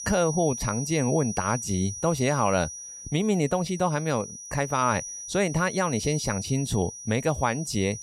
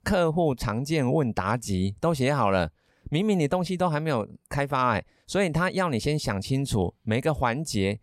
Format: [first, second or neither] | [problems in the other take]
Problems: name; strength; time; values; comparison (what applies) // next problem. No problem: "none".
second | high-pitched whine; loud; throughout; 6 kHz, 9 dB below the speech